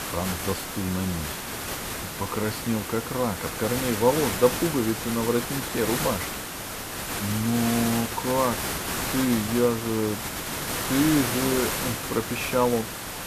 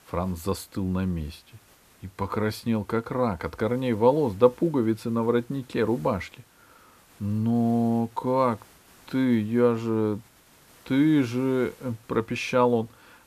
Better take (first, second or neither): second